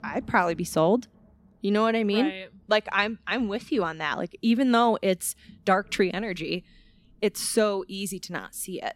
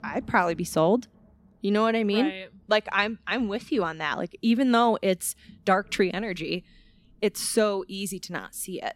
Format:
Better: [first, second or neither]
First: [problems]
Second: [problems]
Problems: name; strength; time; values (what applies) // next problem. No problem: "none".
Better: neither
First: rain or running water; faint; throughout; 30 dB below the speech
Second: rain or running water; faint; throughout; 30 dB below the speech